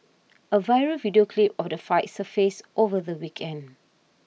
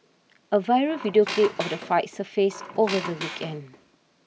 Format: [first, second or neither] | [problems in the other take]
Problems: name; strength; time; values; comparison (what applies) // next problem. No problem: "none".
first | background sound (Squeak); 11 dB below the speech